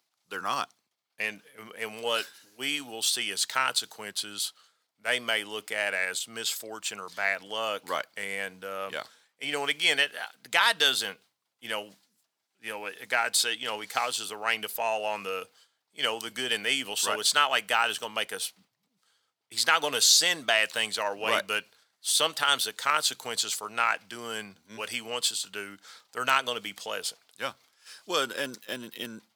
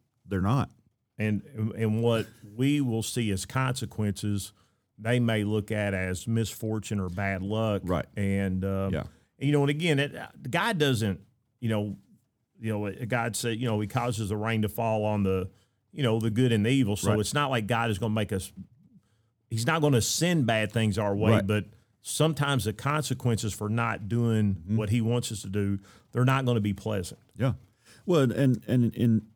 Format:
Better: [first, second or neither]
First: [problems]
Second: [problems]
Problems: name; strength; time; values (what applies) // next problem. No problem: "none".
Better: second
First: thin; very; fading below 950 Hz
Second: none